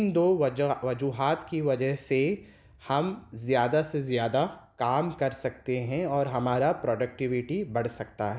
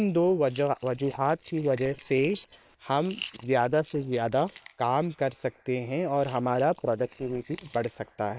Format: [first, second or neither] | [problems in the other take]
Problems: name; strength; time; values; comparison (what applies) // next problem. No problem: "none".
first | noise reduction (neural separator model SepFormer WHAM!)